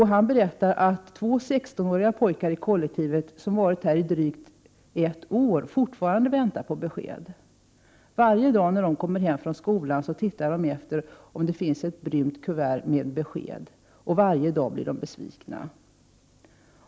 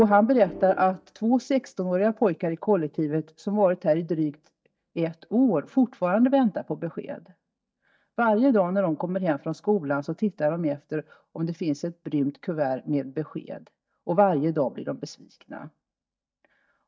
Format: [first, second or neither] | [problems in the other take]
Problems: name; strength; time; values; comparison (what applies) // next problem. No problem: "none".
first | noise reduction (neural mask model DeepFilterNet 3)